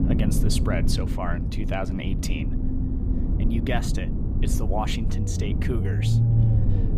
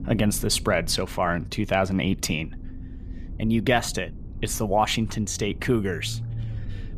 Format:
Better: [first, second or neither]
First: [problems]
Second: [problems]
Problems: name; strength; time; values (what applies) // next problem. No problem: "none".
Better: second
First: low rumble; loud; throughout; 4 dB below the speech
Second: low rumble; faint; throughout; 25 dB below the speech